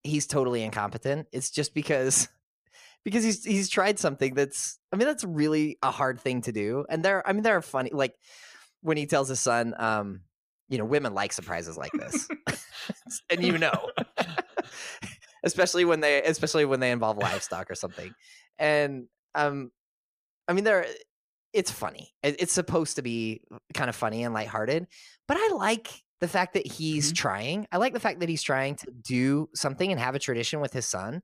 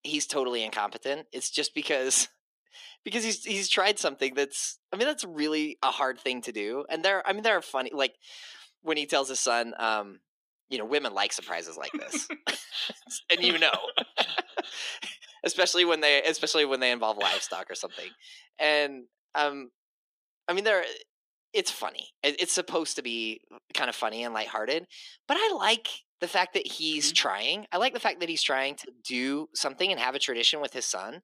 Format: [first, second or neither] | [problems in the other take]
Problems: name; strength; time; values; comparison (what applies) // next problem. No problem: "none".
first | thin; somewhat; fading below 250 Hz